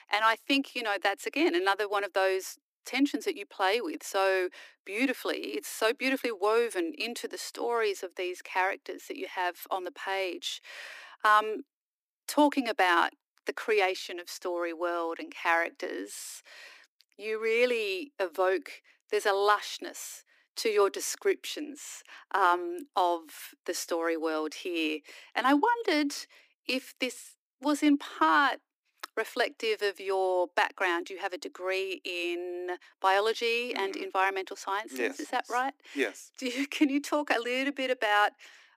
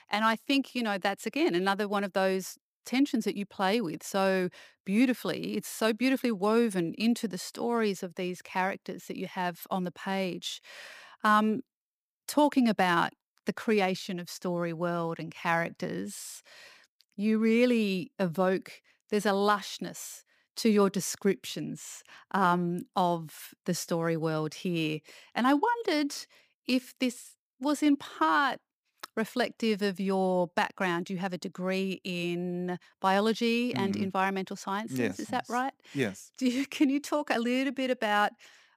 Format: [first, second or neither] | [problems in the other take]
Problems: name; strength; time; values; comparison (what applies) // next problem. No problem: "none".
second | thin; very slightly; fading below 300 Hz